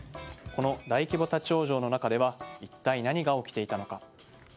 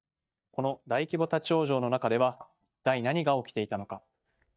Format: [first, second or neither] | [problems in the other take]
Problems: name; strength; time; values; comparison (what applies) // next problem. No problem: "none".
first | noise reduction (neural mask model DeepFilterNet 3)